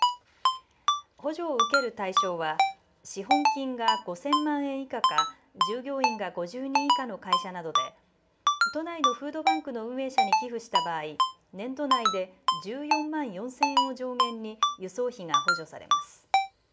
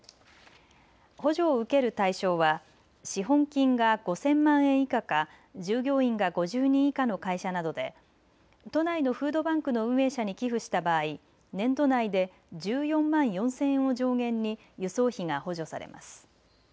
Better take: second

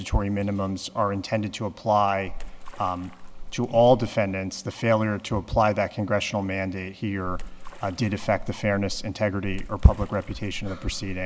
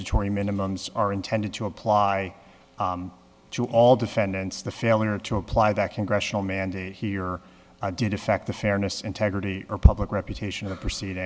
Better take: second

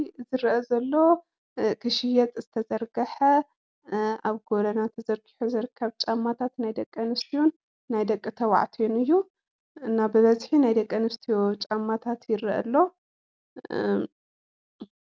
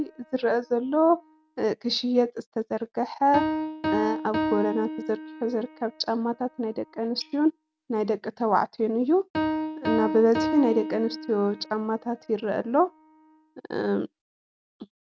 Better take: first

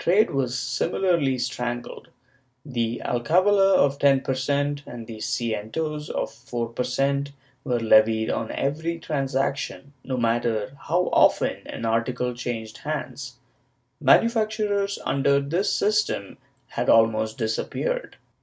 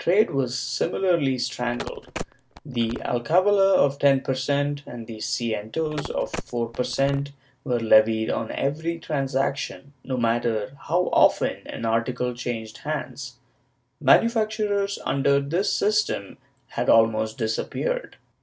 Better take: first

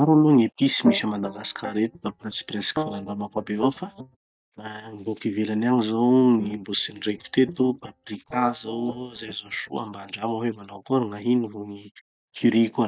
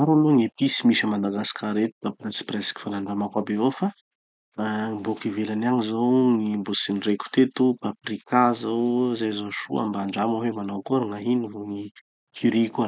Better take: second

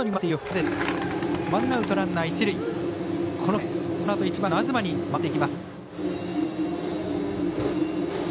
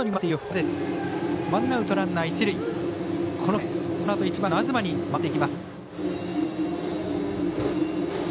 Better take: second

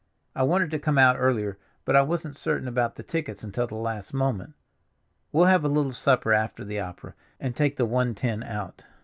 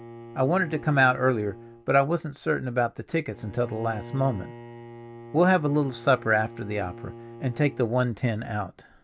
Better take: first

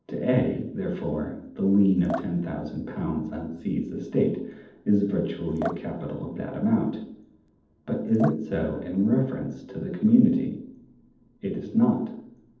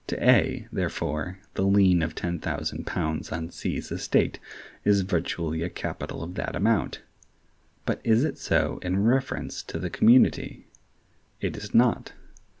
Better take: second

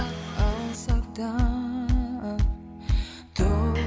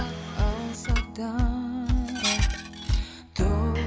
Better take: first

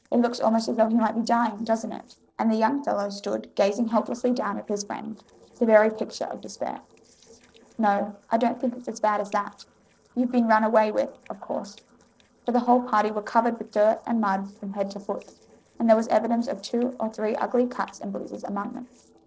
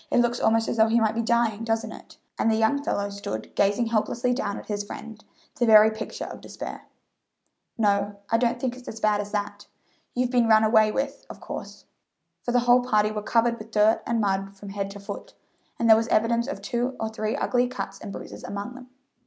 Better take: second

